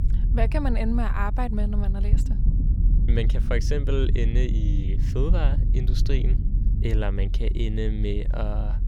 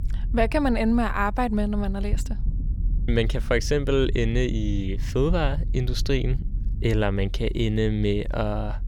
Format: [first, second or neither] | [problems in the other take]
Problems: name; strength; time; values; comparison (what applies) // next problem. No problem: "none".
second | low rumble; loud; throughout; 9 dB below the speech; faint in the second